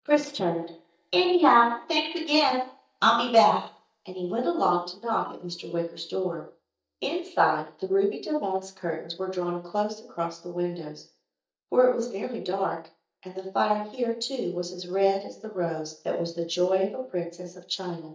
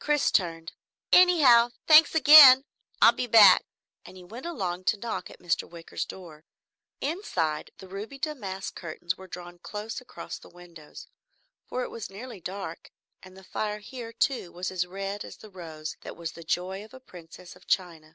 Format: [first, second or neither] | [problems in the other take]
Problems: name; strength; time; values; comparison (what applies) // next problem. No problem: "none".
second | noise reduction (neural mask model DeepFilterNet 3)